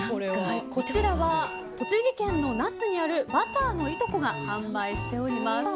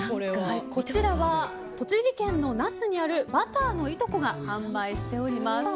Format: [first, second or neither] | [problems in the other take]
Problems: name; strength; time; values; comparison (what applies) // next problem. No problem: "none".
second | background sound (Alarm); 12 dB below the speech